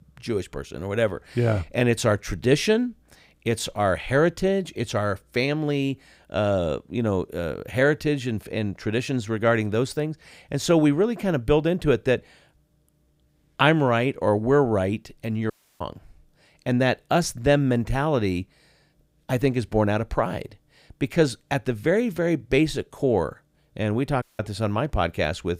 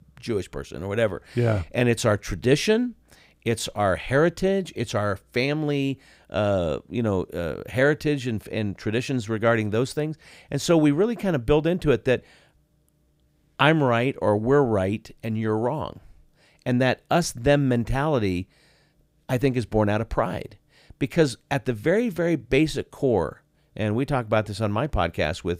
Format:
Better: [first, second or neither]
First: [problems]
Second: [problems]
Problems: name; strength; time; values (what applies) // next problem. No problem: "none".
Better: second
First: audio cutting out; at 16 s and at 24 s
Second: none